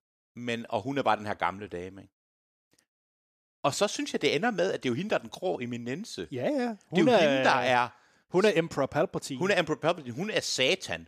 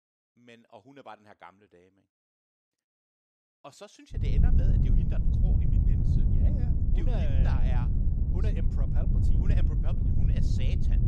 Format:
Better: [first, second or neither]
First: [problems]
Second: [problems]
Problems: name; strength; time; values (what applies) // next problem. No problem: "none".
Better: first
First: none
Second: wind noise on the microphone; heavy; from 4 s on; 4 dB above the speech